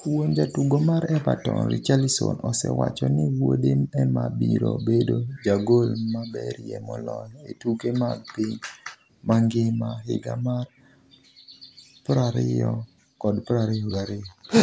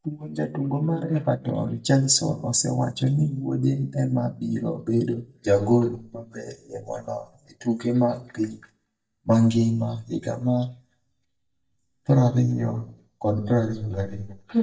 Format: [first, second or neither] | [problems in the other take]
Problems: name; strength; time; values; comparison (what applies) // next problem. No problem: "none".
first | noise reduction (neural mask model DeepFilterNet 3)